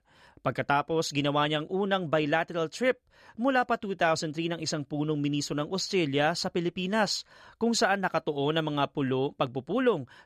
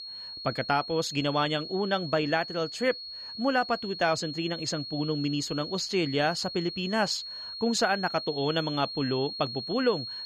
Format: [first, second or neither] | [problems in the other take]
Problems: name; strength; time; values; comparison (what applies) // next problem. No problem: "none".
first | high-pitched whine; loud; throughout; 4.5 kHz, 8 dB below the speech